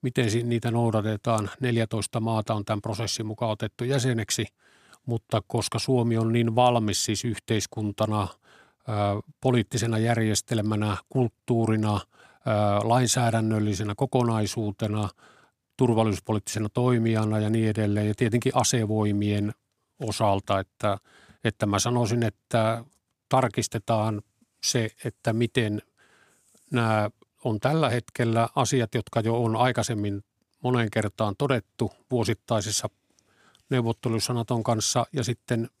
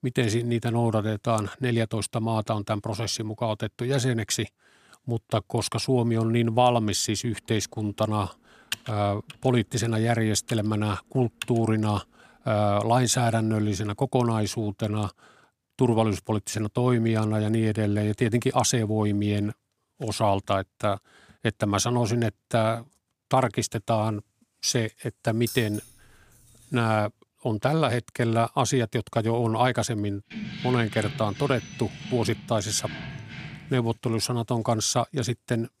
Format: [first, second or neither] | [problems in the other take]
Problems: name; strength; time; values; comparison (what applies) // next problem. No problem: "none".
first | keyboard typing; noticeable; from 8.5 to 11 s; peak 8 dB below the speech // jangling keys; faint; at 25 s; peak 10 dB below the speech // jangling keys; noticeable; from 30 to 34 s; peak 8 dB below the speech